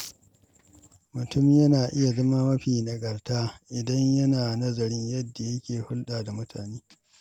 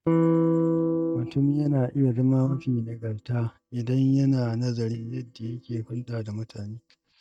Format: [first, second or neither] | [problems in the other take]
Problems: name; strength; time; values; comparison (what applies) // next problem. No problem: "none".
first | noise reduction (neural mask model DeepFilterNet 3)